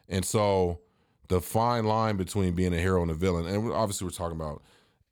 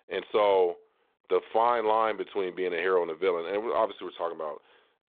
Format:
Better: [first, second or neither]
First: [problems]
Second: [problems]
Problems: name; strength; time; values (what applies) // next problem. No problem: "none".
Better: first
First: none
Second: phone-call audio